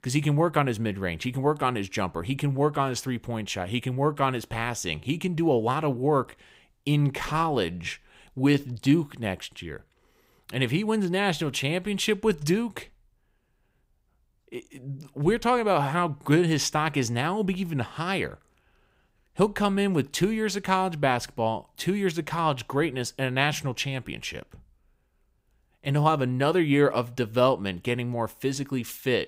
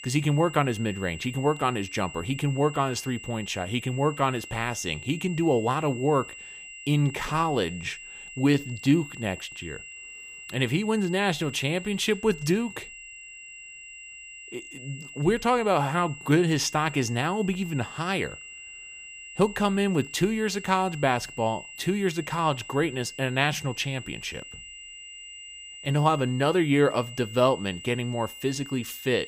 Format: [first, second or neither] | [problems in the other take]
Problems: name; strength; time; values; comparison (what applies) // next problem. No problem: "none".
first | high-pitched whine; noticeable; throughout; 3 kHz, 15 dB below the speech